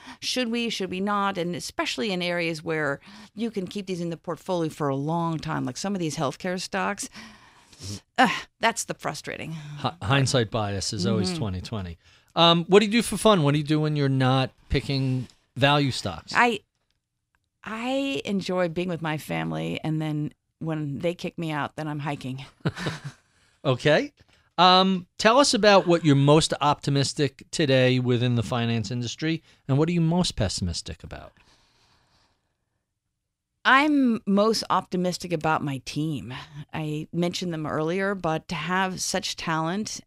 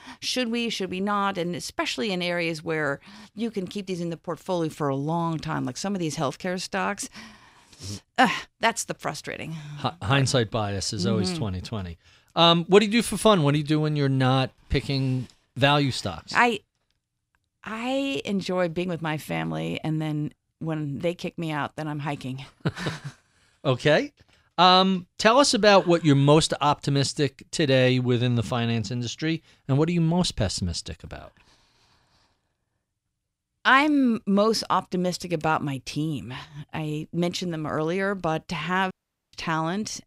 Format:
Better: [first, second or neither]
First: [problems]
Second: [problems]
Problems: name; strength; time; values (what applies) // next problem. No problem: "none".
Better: first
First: none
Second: audio cutting out; at 39 s